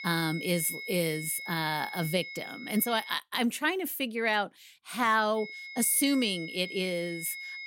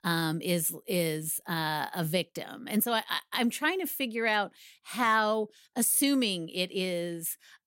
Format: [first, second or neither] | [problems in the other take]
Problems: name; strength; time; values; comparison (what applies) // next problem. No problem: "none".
second | high-pitched whine; loud; until 3 s and from 5.5 s on; 2 kHz, 10 dB below the speech